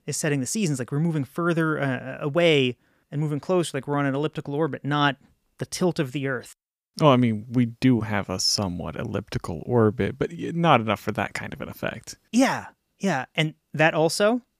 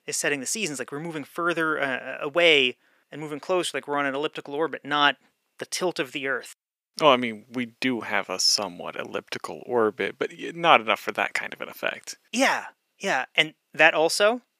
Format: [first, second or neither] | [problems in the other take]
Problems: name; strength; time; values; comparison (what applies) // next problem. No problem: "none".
first | thin; somewhat; fading below 400 Hz